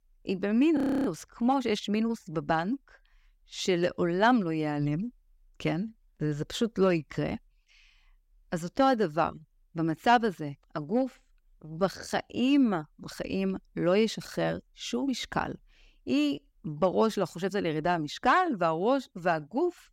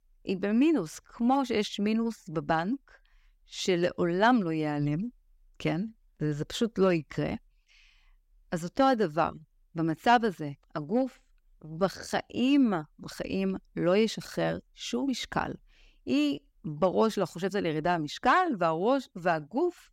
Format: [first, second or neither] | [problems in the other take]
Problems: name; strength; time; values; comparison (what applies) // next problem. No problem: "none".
second | audio freezing; at 1 s